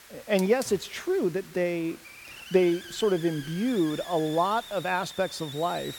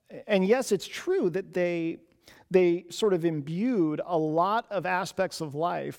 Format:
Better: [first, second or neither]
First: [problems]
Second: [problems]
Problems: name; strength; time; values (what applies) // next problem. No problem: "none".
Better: second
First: hiss; noticeable; throughout; 15 dB below the speech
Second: none